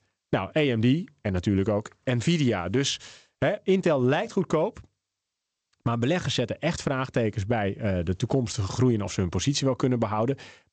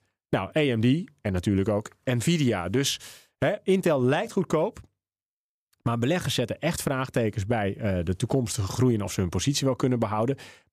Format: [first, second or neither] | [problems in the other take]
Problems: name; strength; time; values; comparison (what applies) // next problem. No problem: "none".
second | garbled, watery; slightly; nothing above 8 kHz